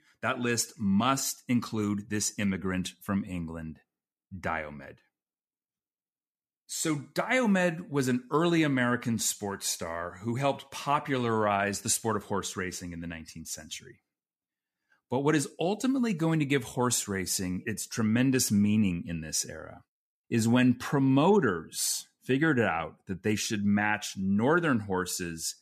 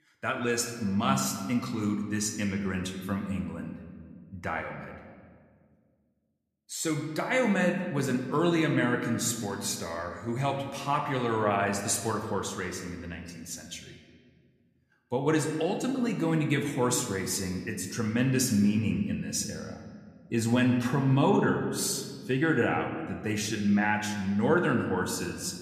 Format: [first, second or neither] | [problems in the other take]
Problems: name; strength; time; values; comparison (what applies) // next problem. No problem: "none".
first | room echo; slight; dies away in 1.5 s